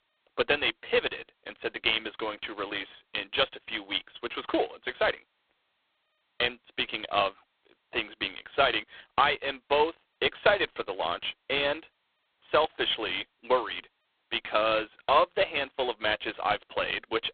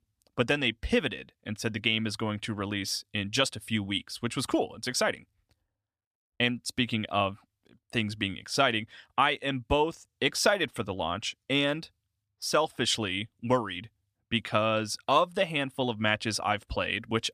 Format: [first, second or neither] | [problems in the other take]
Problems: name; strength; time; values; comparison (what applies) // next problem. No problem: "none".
second | phone-call audio; poor line